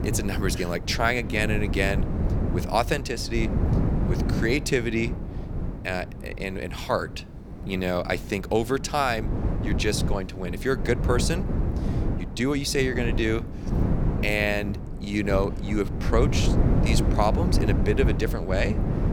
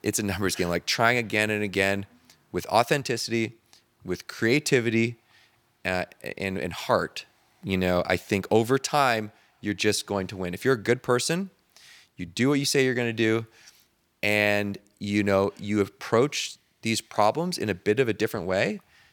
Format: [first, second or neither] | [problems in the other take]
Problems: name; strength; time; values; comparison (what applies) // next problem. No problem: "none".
second | wind noise on the microphone; heavy; 9 dB below the speech